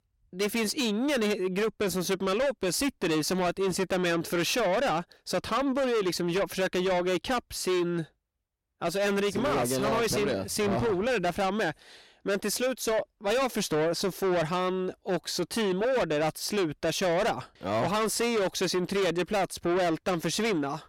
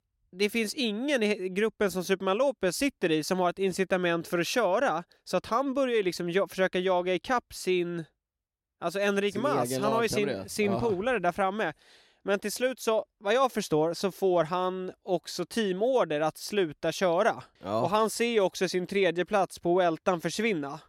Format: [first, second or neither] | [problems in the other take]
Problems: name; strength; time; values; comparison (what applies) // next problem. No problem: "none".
second | distortion; heavy; 7 dB below the speech